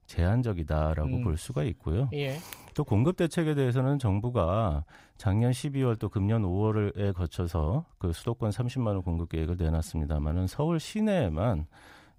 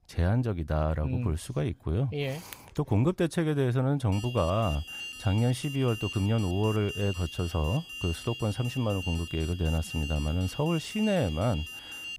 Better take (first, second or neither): first